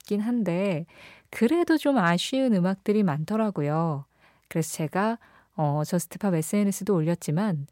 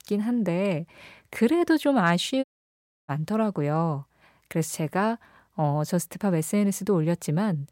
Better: first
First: none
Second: audio cutting out; at 2.5 s for 0.5 s

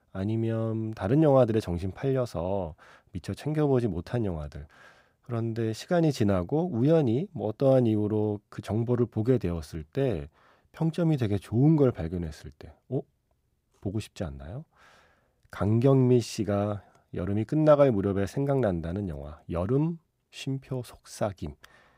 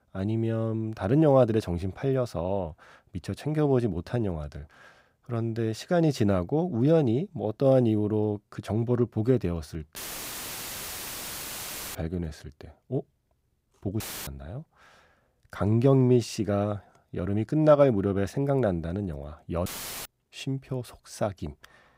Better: first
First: none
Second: audio cutting out; filled with static; at 10 s for 2 s, at 14 s and at 20 s

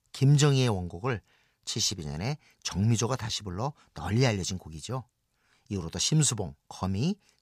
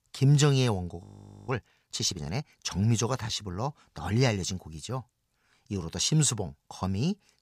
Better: first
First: none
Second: audio freezing; at 1 s

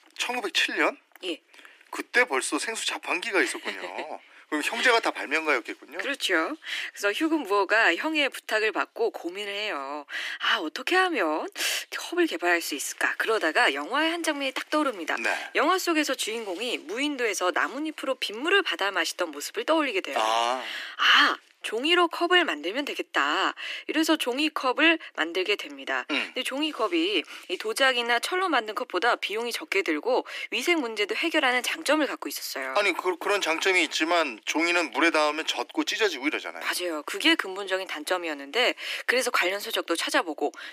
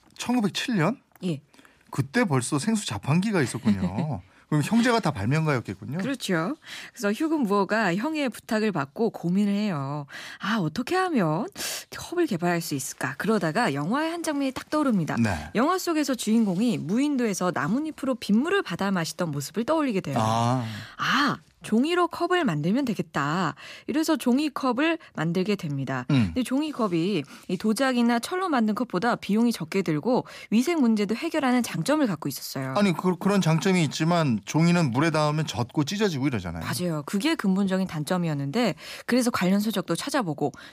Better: second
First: thin; very; fading below 300 Hz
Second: none

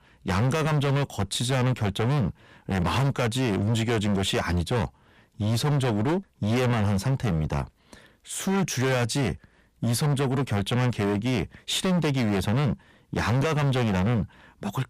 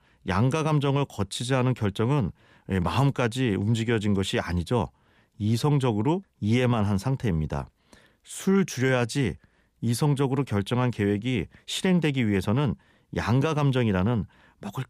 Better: second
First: distortion; heavy; 25% of the sound clipped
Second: none

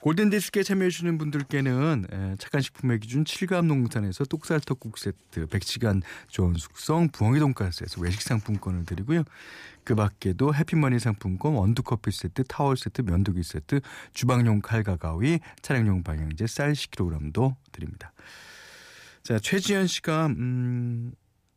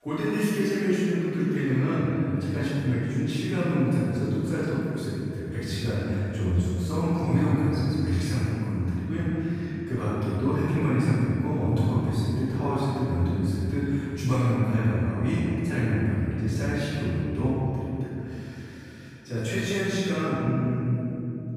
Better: first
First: none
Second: off-mic speech; far // room echo; strong; dies away in 3 s

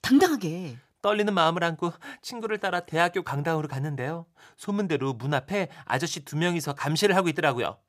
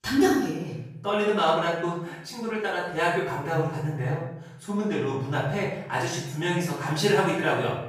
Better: first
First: none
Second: off-mic speech; far // room echo; noticeable; dies away in 0.7 s

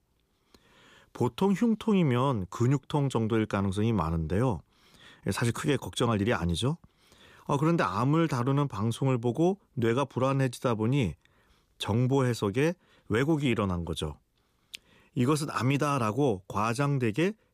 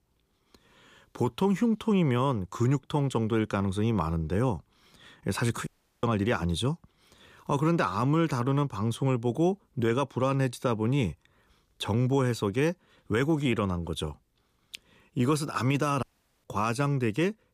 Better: first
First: none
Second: audio cutting out; at 5.5 s and at 16 s

